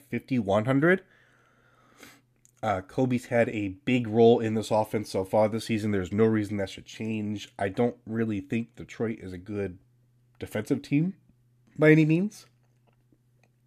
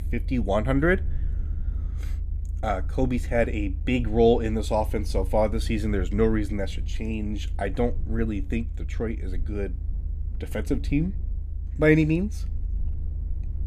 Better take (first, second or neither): first